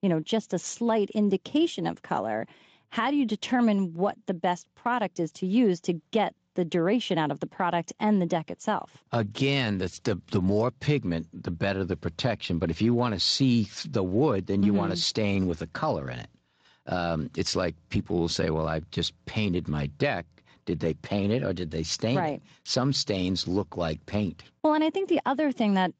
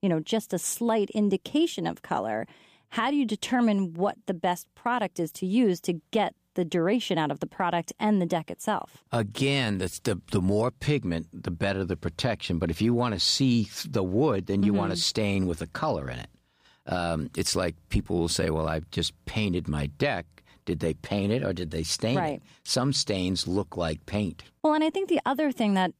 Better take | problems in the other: second | garbled, watery; slightly; nothing above 7.5 kHz

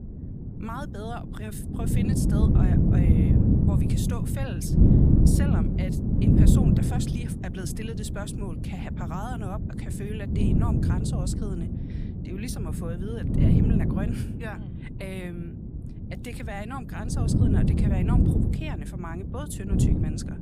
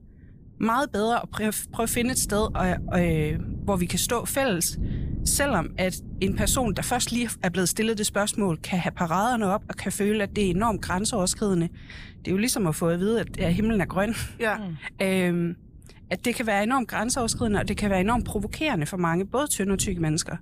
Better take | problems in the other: second | wind noise on the microphone; heavy; 5 dB above the speech; occasional gusts in the second

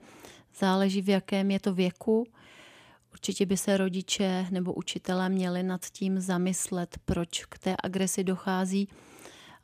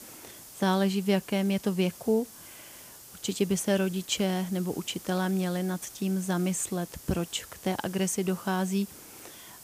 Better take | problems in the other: first | hiss; noticeable; throughout; 15 dB below the speech

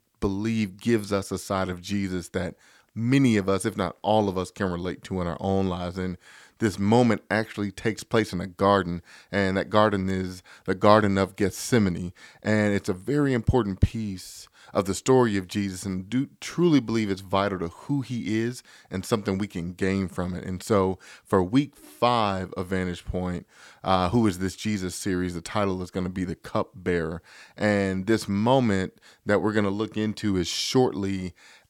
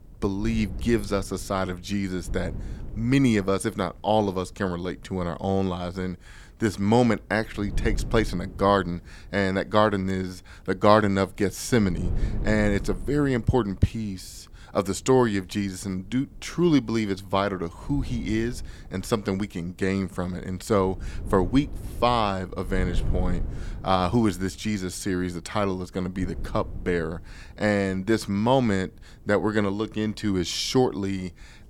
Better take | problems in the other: first | wind noise on the microphone; occasional gusts; 20 dB below the speech

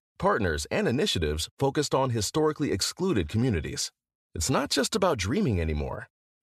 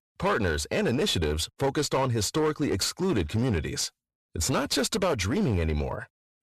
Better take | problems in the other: first | distortion; slight; 12% of the sound clipped

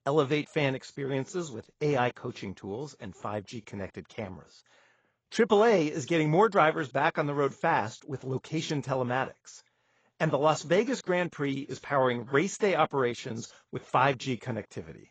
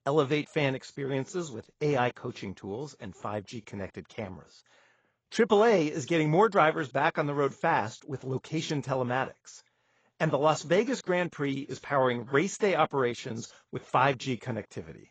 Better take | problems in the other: neither | garbled, watery; badly; nothing above 7.5 kHz; the same in both

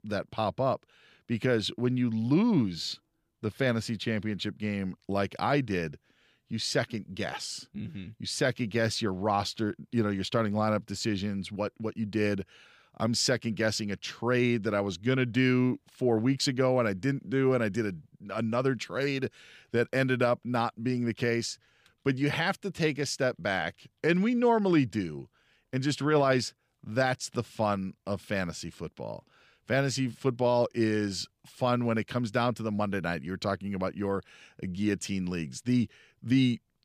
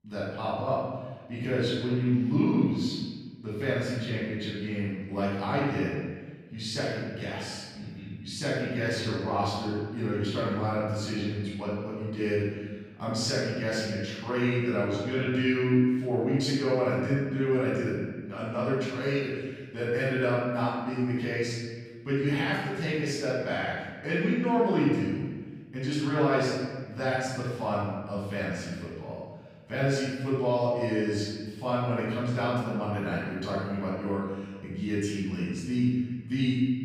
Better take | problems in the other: first | off-mic speech; far // room echo; strong; dies away in 1.3 s

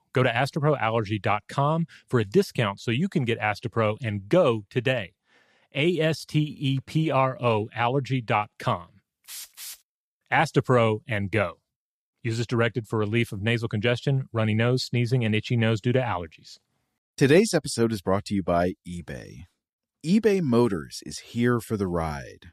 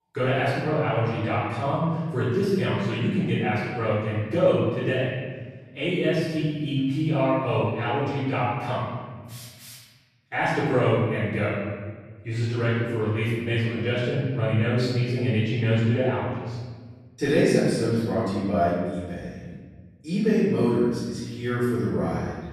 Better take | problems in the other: first | off-mic speech; far // room echo; strong; dies away in 1.5 s

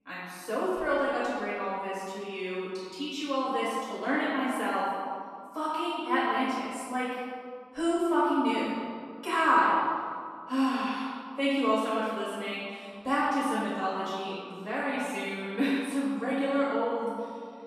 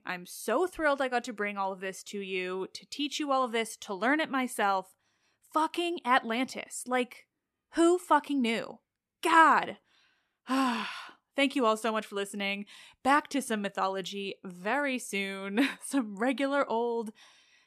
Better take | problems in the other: second | room echo; strong; dies away in 1.9 s // off-mic speech; far

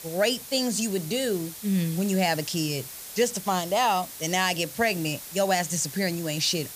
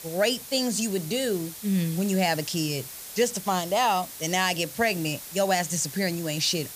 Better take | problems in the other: neither | hiss; noticeable; throughout; 10 dB below the speech; the same in both

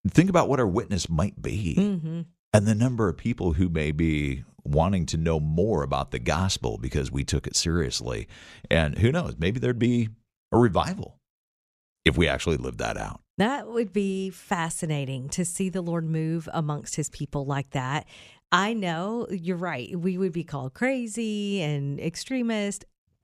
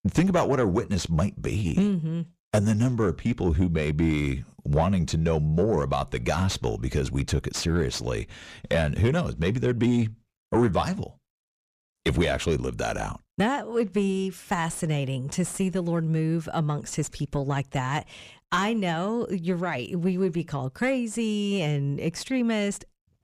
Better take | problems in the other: first | distortion; slight; 10 dB below the speech

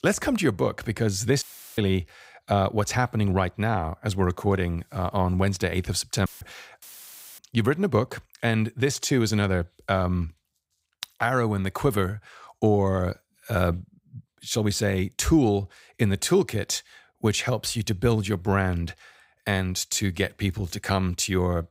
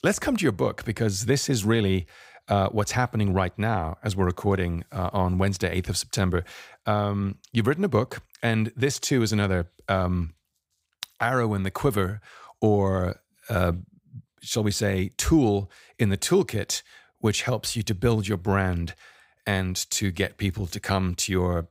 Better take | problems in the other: second | audio cutting out; filled with static; at 1.5 s, at 6.5 s and at 7 s for 0.5 s

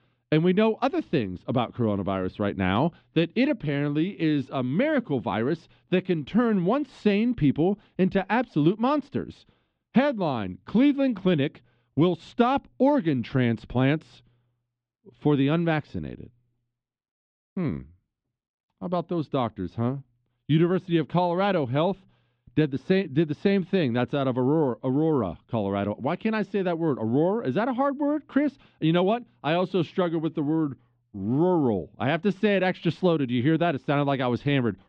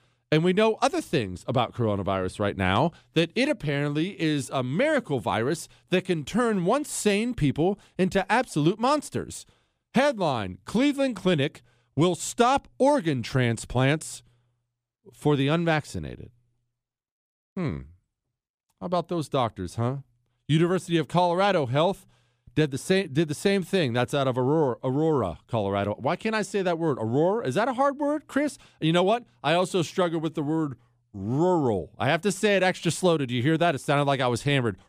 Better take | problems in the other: second | muffled; slightly; fading above 4 kHz

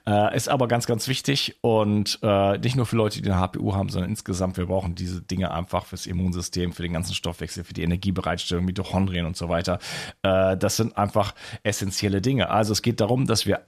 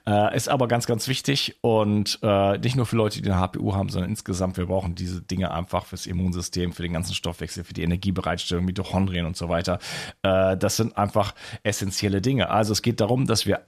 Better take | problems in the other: neither | none

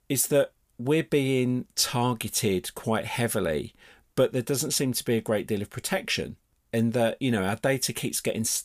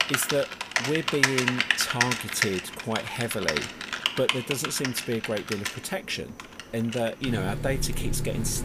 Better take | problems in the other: first | household noises; very loud; throughout; 2 dB above the speech

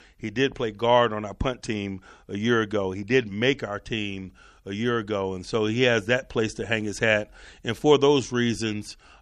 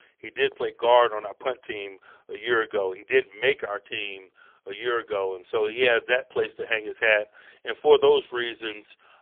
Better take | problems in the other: first | phone-call audio; poor line; nothing above 3.5 kHz

